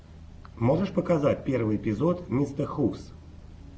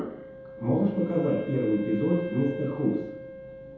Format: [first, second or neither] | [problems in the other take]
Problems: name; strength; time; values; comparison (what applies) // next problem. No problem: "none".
first | background sound (Wind instrument, woodwind instrument); 12 dB below the speech // room echo; dies away in 1.8 s